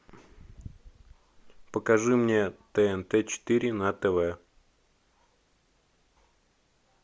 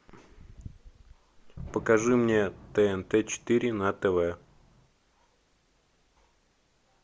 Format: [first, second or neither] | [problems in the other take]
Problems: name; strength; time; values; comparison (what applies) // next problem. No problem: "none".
first | background sound (Fireworks); 18 dB below the speech